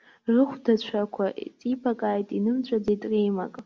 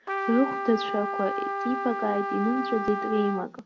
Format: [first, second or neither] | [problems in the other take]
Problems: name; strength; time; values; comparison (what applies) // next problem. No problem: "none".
first | background sound (Trumpet); 3 dB below the speech